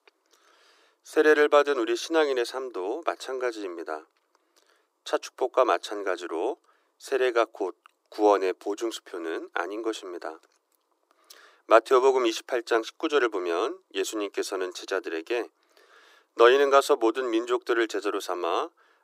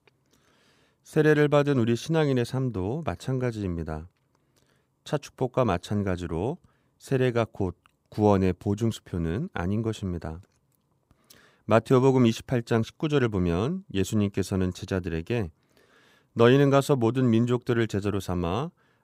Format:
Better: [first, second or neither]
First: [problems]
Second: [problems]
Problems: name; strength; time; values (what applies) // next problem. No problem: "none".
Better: second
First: thin; very; fading below 300 Hz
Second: none